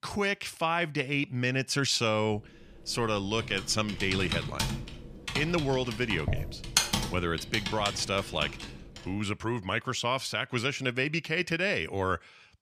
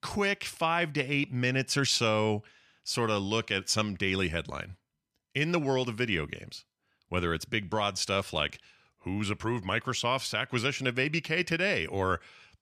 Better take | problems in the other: second | keyboard typing; loud; from 3.5 to 8.5 s; peak 4 dB above the speech

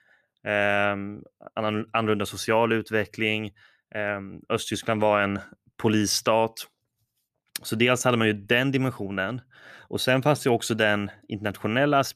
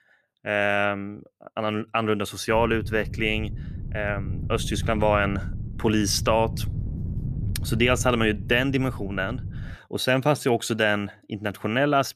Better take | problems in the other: first | wind noise on the microphone; occasional gusts; from 2.5 to 9.5 s; 20 dB below the speech

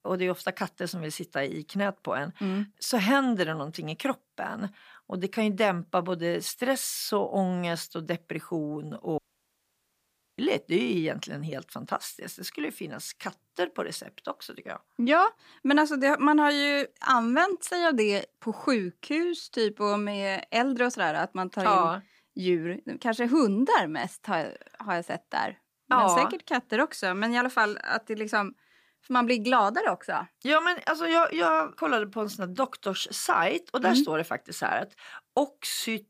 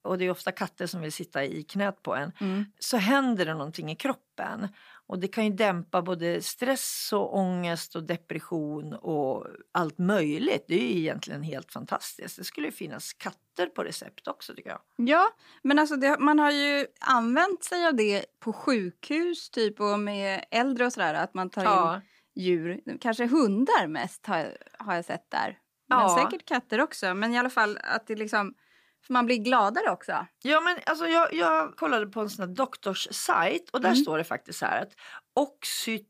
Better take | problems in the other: second | audio cutting out; at 9 s for 1 s

